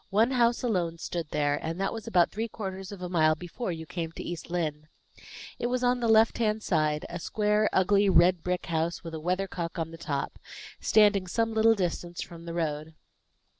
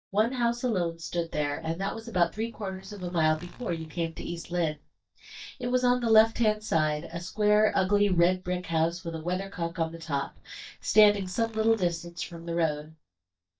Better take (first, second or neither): first